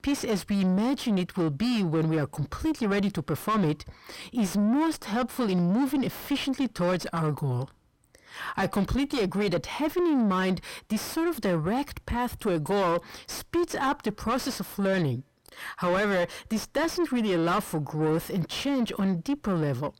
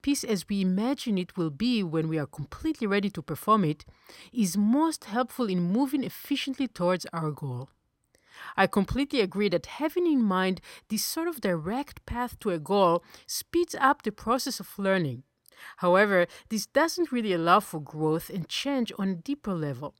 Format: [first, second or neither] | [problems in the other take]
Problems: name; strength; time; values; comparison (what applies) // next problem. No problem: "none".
second | distortion; heavy; 6 dB below the speech